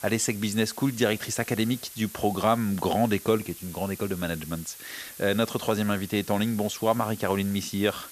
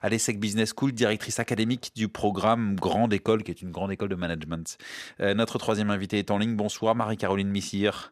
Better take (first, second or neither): second